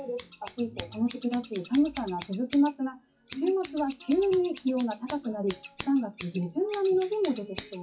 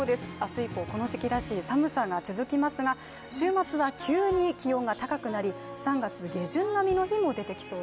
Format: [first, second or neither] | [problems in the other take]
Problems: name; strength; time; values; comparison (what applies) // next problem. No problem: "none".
second | noise reduction (classical method WPE with log-MMSE)